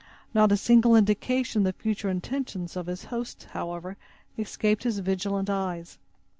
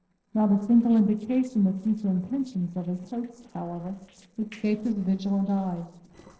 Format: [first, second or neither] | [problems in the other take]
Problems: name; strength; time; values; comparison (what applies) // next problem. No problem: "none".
first | noise reduction (neural separator model SepFormer DNS4)